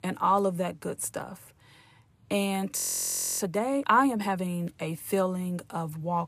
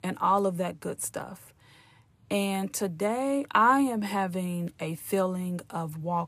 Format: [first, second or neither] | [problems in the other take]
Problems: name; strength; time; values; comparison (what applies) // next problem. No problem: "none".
second | audio freezing; at 3 s for 0.5 s